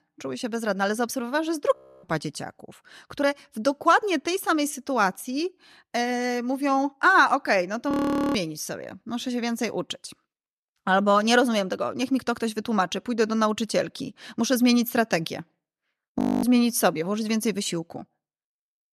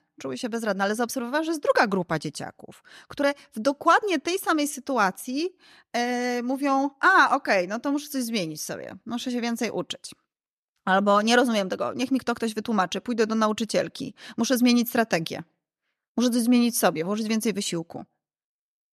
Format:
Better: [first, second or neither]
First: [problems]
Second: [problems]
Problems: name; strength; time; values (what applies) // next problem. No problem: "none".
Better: second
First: audio freezing; at 2 s, at 8 s and at 16 s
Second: none